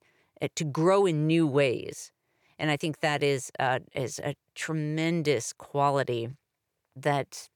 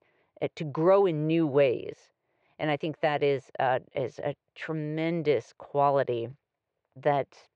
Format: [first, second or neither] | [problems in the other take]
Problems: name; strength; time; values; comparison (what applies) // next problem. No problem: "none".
first | muffled; very; fading above 3.5 kHz